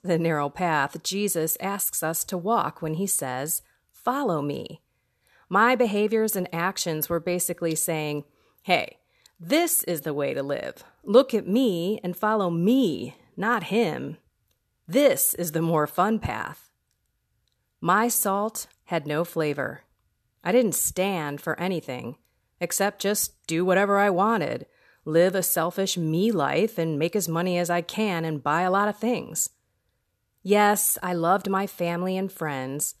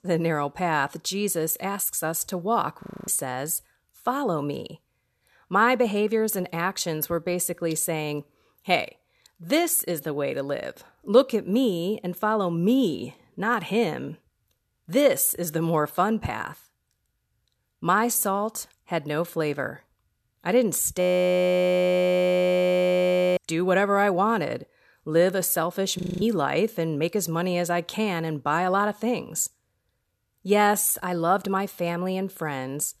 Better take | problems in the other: first | audio freezing; at 3 s, at 21 s for 2.5 s and at 26 s

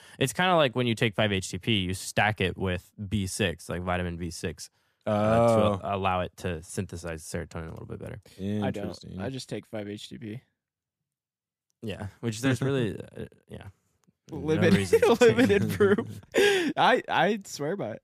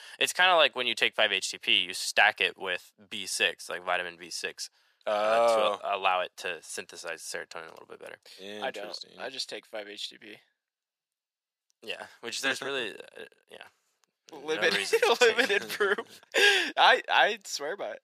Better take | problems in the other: first | thin; very; fading below 650 Hz

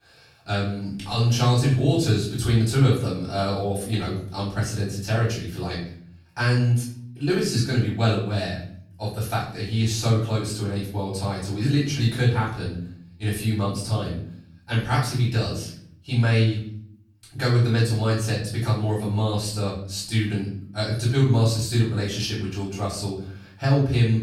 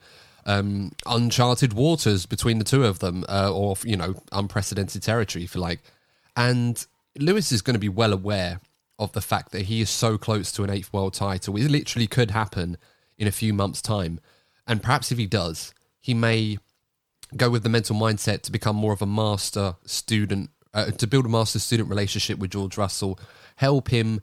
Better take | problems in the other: second | off-mic speech; far // room echo; noticeable; dies away in 0.6 s

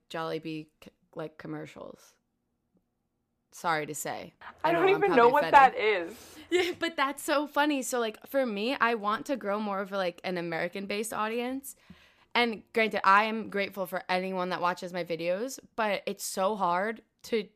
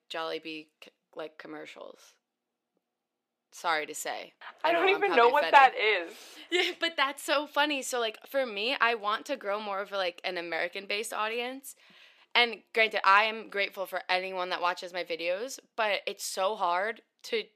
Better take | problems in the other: first | thin; somewhat; fading below 400 Hz

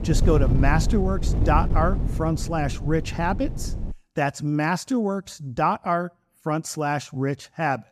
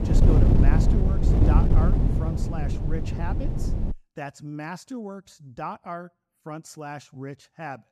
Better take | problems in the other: first | wind noise on the microphone; heavy; until 4 s; 3 dB above the speech; occasional gusts in the first

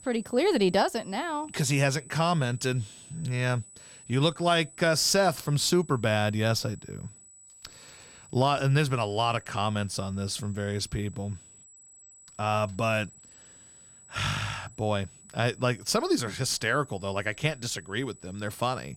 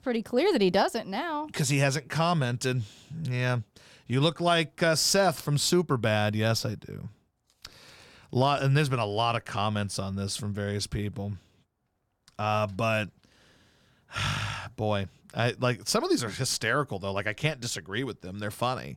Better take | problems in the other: second | high-pitched whine; faint; throughout; 8 kHz, 20 dB below the speech

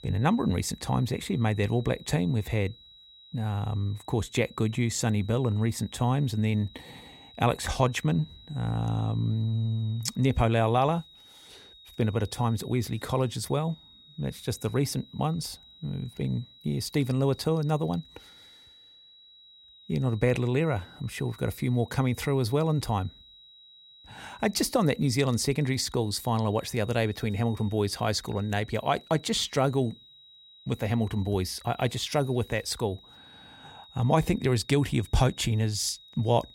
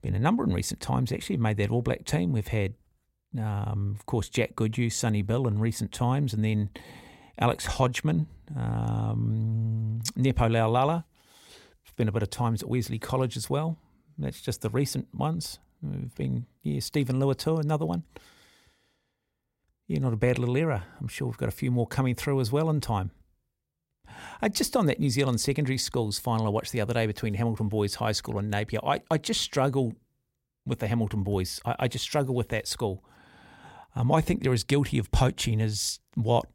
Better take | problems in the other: second | high-pitched whine; faint; throughout; 4 kHz, 25 dB below the speech

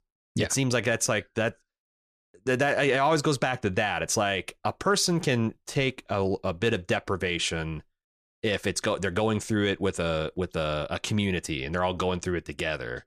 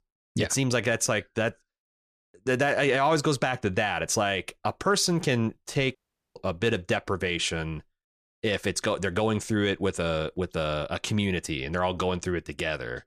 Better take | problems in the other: first | audio cutting out; at 6 s

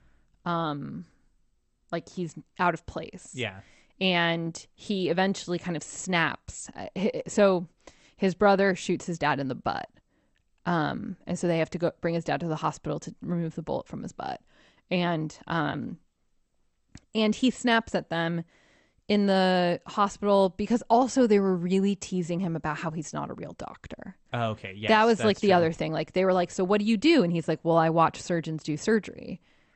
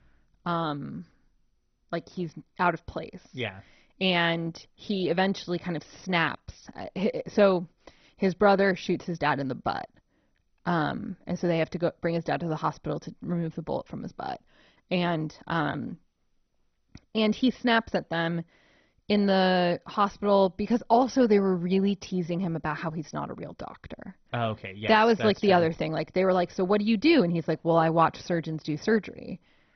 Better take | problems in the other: first | garbled, watery; badly; nothing above 6 kHz; slightly in the first

